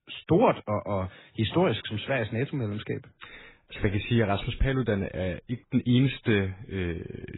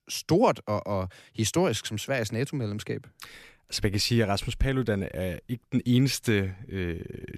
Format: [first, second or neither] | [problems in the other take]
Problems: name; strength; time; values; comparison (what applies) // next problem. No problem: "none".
second | garbled, watery; badly; nothing above 4 kHz